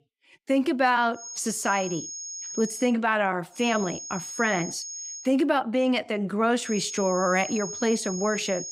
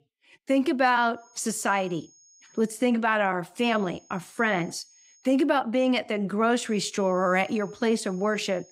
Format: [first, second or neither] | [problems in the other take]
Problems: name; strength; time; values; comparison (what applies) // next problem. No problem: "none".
second | high-pitched whine; loud; from 1 to 3 s, from 3.5 to 5 s and from 6.5 s on; 6.5 kHz, 9 dB below the speech; faint in the second